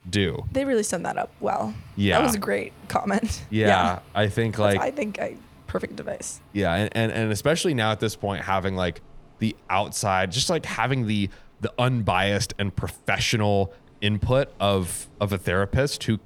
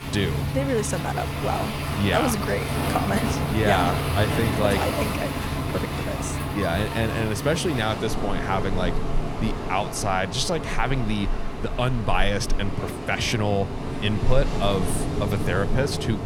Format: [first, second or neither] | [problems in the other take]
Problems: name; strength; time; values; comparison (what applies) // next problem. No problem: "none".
first | rain or running water; loud; throughout; 2 dB below the speech; faint in the first